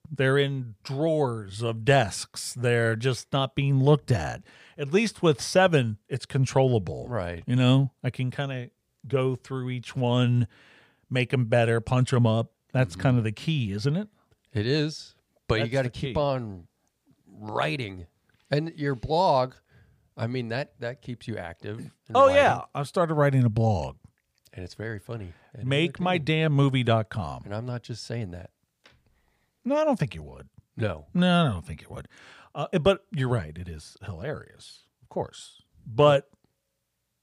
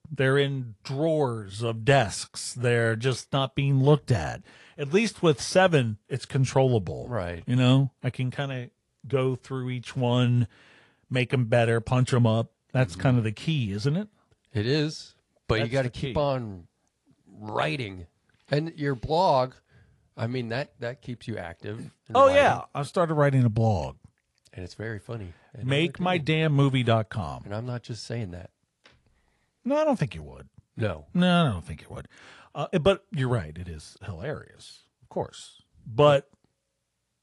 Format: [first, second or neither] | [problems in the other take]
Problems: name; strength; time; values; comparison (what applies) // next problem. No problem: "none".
first | garbled, watery; slightly